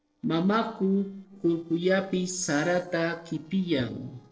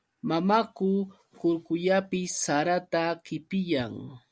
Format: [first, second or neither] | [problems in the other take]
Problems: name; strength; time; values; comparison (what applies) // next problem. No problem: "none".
second | noise reduction (neural separator model SepFormer DNS4)